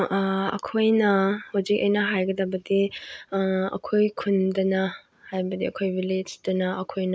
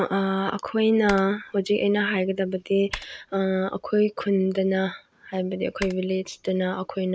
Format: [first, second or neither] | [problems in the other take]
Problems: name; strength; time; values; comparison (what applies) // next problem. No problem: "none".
first | background sound (Typing); 19 dB below the speech